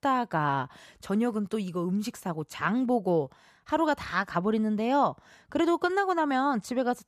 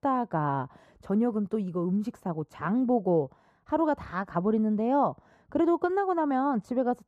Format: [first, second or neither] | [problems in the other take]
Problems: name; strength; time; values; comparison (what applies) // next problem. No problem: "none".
first | muffled; slightly; fading above 1.5 kHz